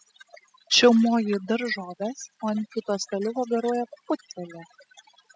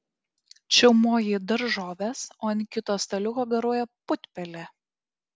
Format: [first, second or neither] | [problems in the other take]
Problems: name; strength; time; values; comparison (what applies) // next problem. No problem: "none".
second | noise reduction (classical method spectral subtraction)